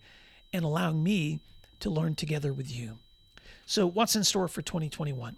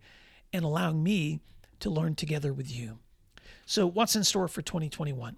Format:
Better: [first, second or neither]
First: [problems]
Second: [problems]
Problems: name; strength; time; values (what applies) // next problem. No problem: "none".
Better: second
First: high-pitched whine; faint; throughout; 4 kHz, 30 dB below the speech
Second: none